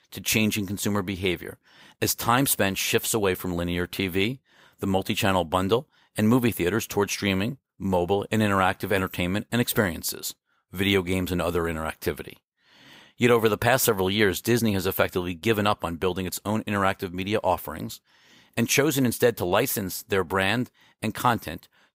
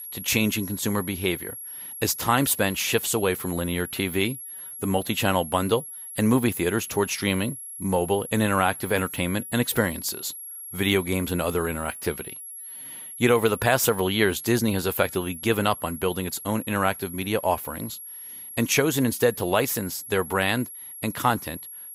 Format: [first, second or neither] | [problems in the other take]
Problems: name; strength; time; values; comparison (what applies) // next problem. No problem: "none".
first | high-pitched whine; noticeable; throughout; 11.5 kHz, 10 dB below the speech